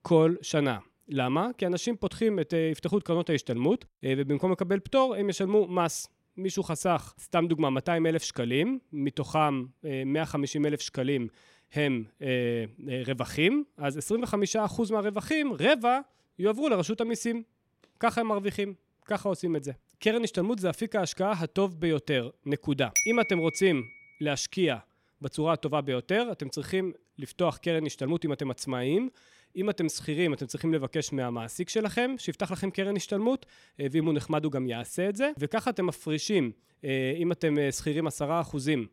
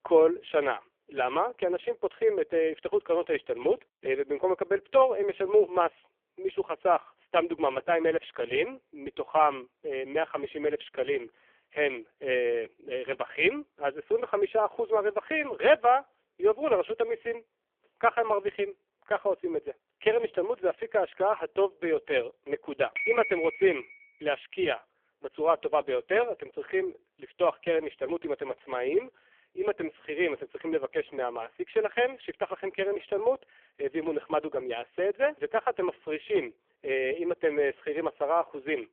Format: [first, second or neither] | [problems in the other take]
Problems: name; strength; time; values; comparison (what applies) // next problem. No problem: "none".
first | phone-call audio; poor line; nothing above 3.5 kHz